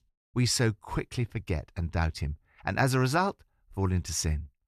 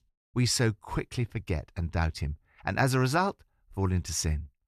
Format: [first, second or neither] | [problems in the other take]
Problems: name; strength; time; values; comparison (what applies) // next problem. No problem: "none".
neither | none